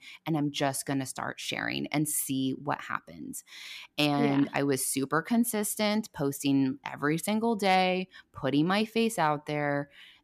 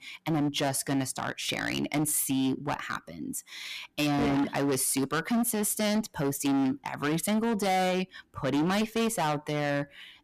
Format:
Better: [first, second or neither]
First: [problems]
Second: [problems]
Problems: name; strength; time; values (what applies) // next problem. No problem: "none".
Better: first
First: none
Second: distortion; heavy; 17% of the sound clipped